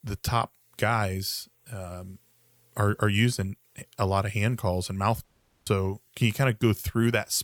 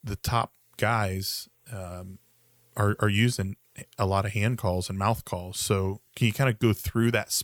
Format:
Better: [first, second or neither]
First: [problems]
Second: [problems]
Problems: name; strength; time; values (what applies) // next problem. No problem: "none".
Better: second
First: audio cutting out; at 5 s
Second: none